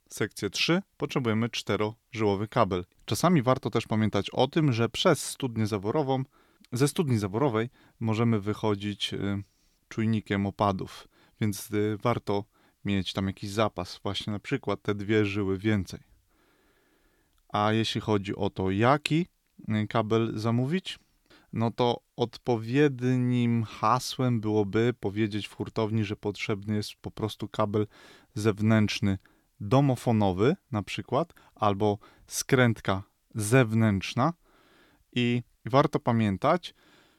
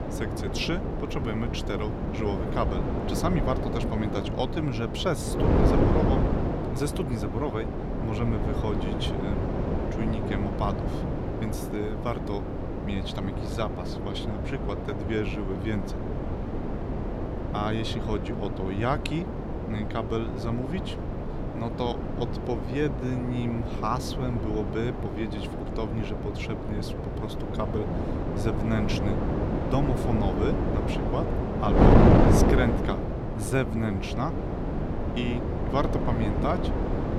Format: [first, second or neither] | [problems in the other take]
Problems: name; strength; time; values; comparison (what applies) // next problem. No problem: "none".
first | wind noise on the microphone; heavy; 1 dB above the speech